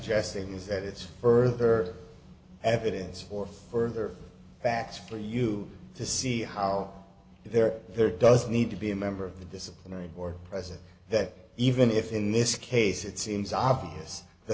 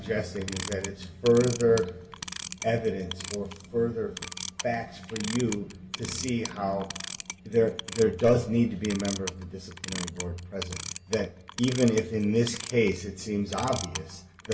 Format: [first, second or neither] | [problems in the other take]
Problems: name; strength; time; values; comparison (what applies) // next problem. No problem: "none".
first | background sound (Clock); 12 dB below the speech // room echo; dies away in 0.2 s